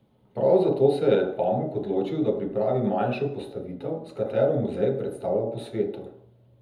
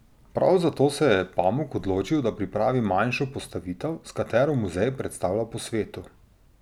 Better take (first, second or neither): second